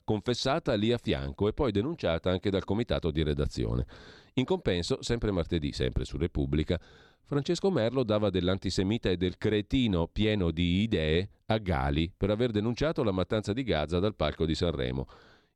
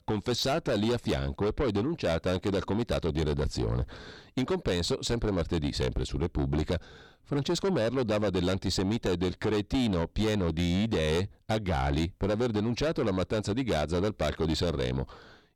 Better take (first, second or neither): first